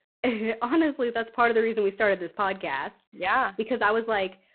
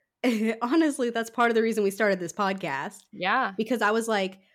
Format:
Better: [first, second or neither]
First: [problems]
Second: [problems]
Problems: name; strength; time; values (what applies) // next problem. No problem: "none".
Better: second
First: phone-call audio; poor line; nothing above 4 kHz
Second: none